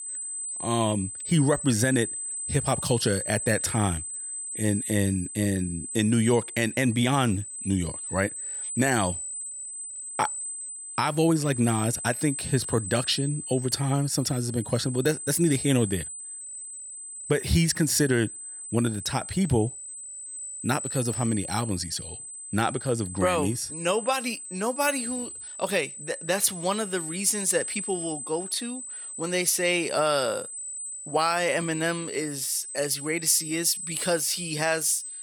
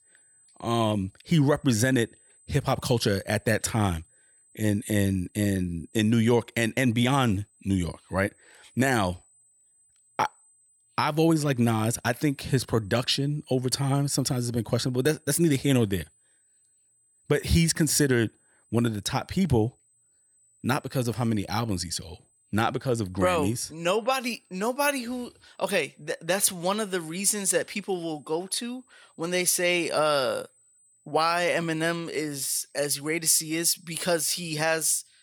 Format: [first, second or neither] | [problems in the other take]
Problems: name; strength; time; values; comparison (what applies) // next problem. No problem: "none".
second | high-pitched whine; loud; throughout; 8 kHz, 7 dB below the speech; faint in the second